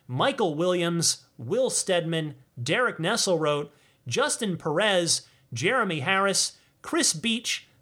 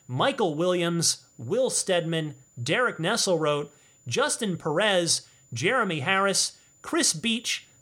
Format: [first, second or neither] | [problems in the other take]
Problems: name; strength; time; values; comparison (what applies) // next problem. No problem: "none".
first | high-pitched whine; faint; throughout; 7 kHz, 35 dB below the speech